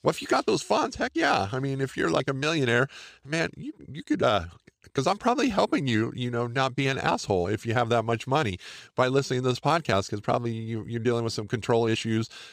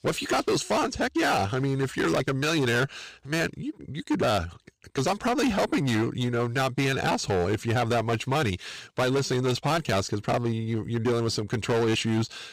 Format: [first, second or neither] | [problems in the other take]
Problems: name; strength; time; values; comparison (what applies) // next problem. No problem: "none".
first | distortion; heavy; 15% of the sound clipped